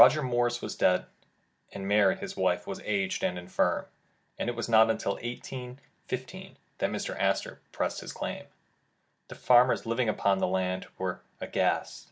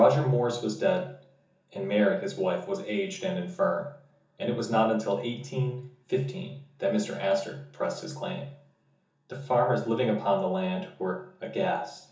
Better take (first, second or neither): first